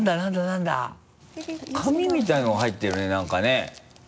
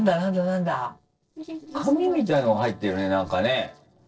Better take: first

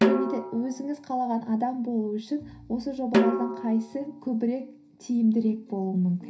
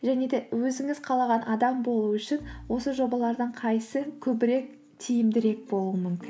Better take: second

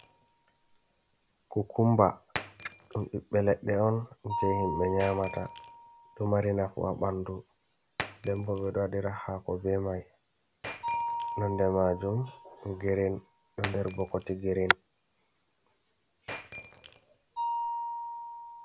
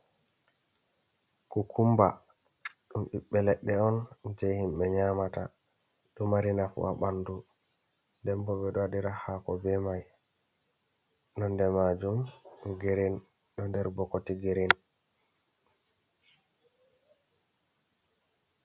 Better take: second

